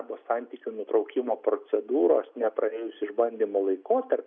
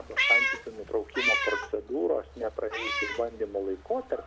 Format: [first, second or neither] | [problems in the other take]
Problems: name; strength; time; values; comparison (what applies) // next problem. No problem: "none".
first | background sound (Meow); 1 dB above the speech